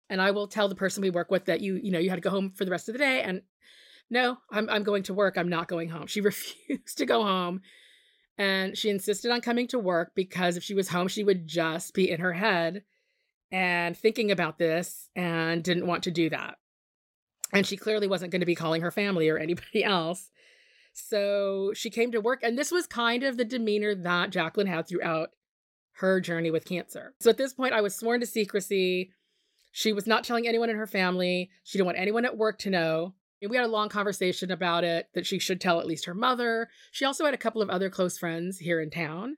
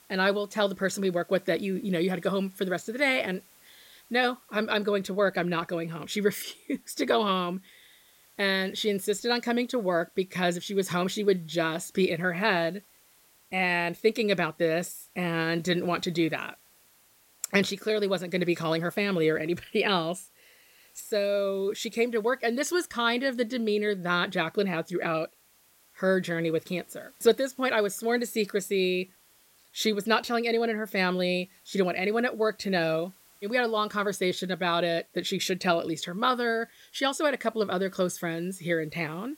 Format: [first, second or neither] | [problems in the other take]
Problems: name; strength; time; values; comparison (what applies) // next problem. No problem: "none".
first | hiss; faint; throughout; 30 dB below the speech